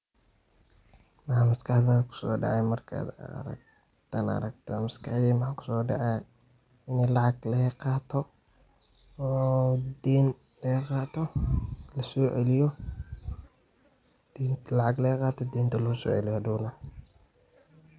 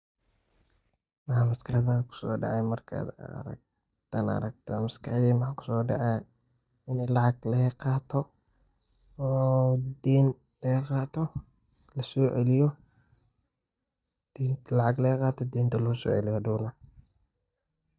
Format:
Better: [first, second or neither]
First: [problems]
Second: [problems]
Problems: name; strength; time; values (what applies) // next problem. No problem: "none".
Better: first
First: none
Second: noise reduction (neural mask model DeepFilterNet 3)